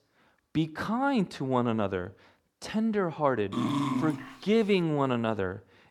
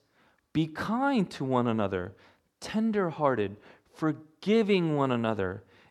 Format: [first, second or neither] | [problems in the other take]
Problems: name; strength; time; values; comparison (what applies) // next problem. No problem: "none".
second | dog barking; loud; at 3.5 s; peak 1 dB above the speech